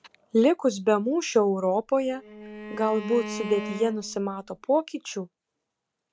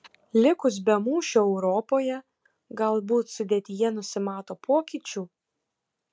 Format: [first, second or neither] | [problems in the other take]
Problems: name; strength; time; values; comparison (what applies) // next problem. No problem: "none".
second | background sound (Bowed string instrument); 11 dB below the speech